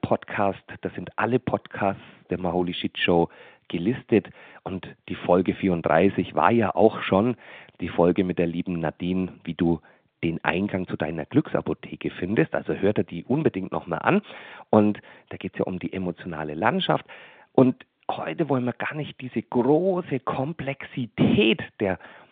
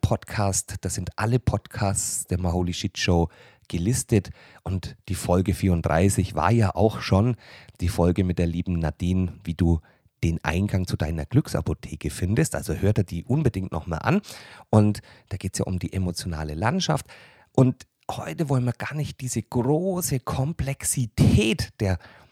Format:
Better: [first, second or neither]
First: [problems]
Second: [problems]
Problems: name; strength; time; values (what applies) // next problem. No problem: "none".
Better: second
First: phone-call audio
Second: none